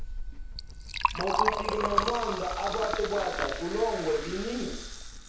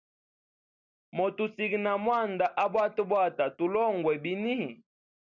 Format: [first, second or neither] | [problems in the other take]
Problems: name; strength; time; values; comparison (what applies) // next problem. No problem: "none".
second | background sound (Liquid); as loud as the speech // room echo; dies away in 0.7 s